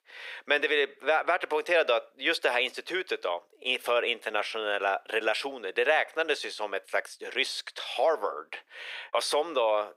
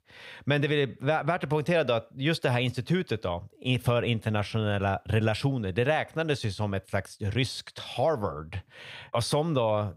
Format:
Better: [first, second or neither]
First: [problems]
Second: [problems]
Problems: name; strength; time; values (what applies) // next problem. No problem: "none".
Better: second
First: thin; very; fading below 350 Hz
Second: none